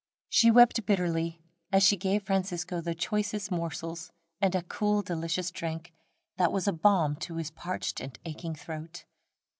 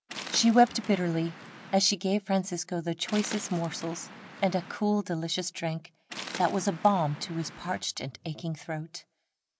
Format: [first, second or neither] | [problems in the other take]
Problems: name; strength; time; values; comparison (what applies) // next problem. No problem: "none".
first | background sound (Waves, surf); 15 dB below the speech